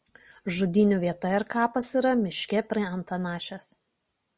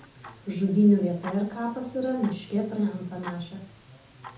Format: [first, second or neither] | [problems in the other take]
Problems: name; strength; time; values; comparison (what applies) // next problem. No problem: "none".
first | background sound (Tick-tock); 19 dB below the speech // room echo; dies away in 0.6 s